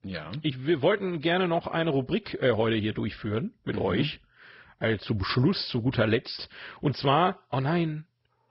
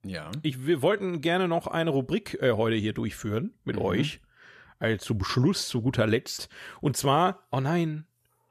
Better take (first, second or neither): second